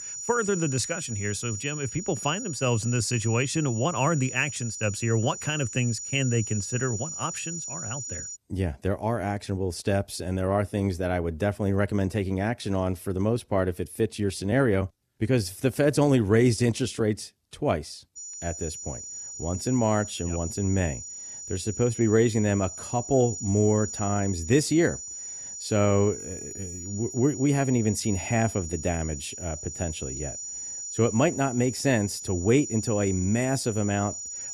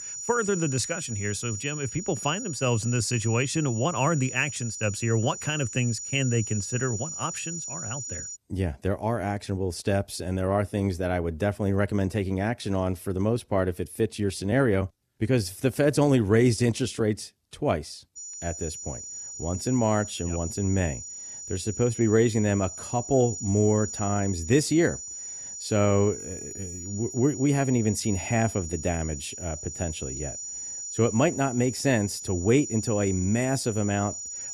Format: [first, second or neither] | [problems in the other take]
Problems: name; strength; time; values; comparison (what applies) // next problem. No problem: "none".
neither | high-pitched whine; loud; until 8.5 s and from 18 s on; 7 kHz, 8 dB below the speech; the same in both